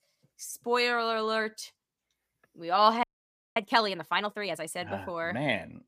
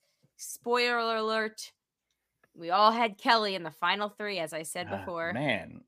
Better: second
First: audio freezing; at 3 s for 0.5 s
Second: none

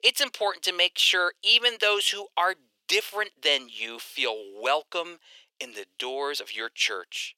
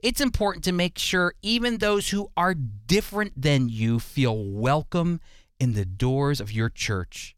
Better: second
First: thin; very; fading below 400 Hz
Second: none

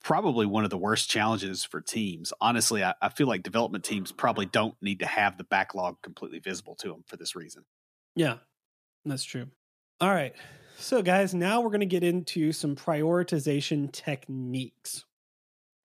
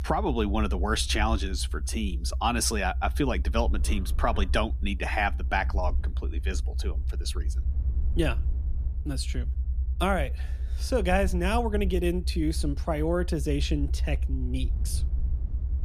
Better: first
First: none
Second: low rumble; faint; throughout; 20 dB below the speech

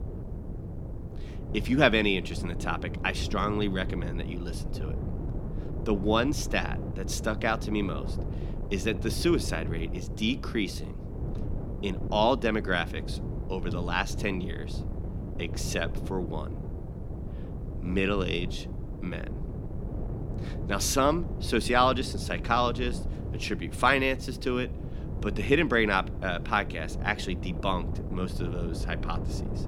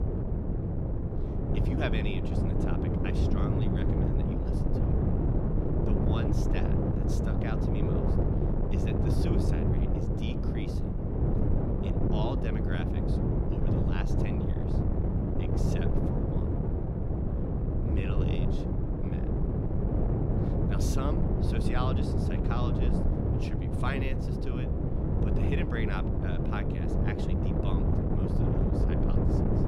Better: first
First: wind noise on the microphone; occasional gusts; 15 dB below the speech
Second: wind noise on the microphone; heavy; 4 dB above the speech

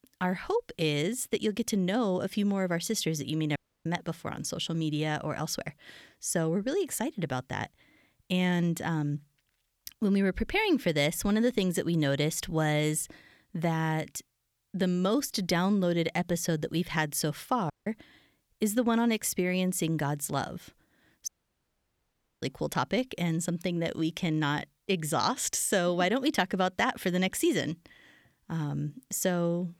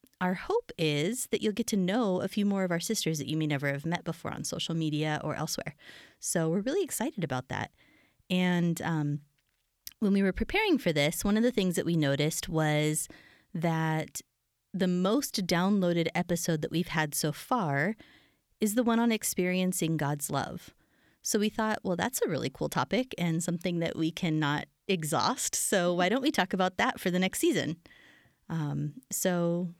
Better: second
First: audio cutting out; at 3.5 s, at 18 s and at 21 s for 1 s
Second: none

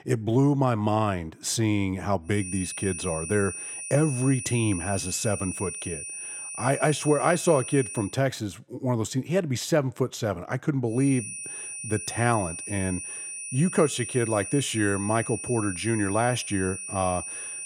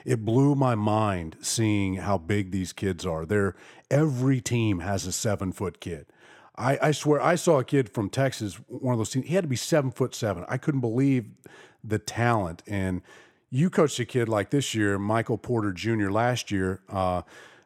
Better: second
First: high-pitched whine; loud; from 2.5 to 8 s and from 11 s on; 9.5 kHz, 7 dB below the speech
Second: none

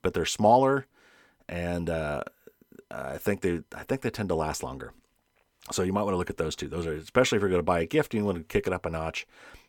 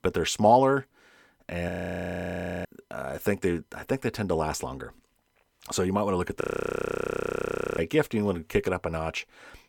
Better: first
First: none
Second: audio freezing; at 1.5 s for 1 s and at 6.5 s for 1.5 s

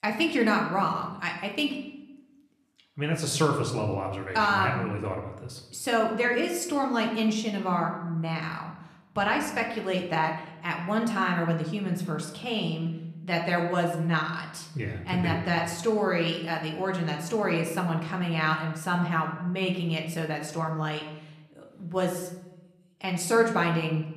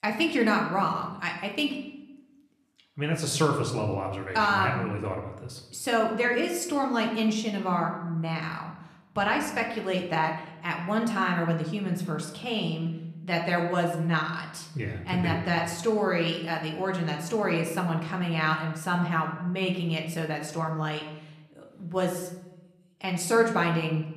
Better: neither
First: room echo; slight; dies away in 0.8 s // off-mic speech; somewhat distant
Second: room echo; slight; dies away in 0.8 s // off-mic speech; somewhat distant

